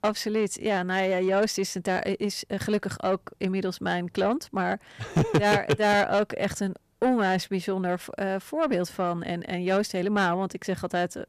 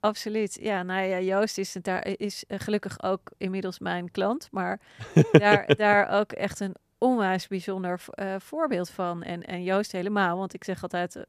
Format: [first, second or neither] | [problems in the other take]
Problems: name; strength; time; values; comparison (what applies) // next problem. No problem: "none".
second | distortion; heavy; 7 dB below the speech